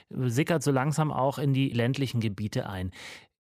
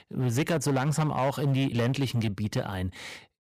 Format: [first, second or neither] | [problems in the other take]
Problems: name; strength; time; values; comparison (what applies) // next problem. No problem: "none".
first | distortion; slight; 11% of the sound clipped